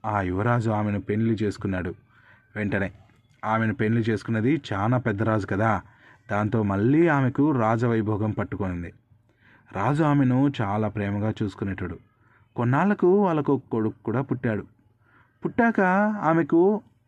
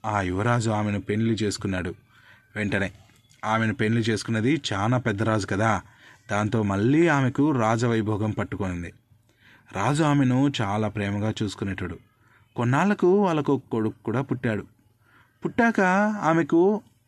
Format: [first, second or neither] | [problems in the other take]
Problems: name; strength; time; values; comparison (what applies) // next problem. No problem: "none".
second | muffled; slightly; fading above 3 kHz